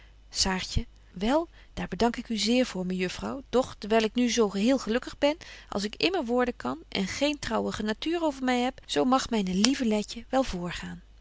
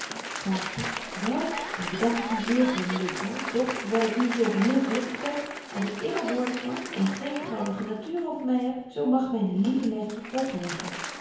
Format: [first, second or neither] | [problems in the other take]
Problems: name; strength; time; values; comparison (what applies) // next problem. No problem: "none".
first | background sound (Applause); 7 dB below the speech // room echo; dies away in 1 s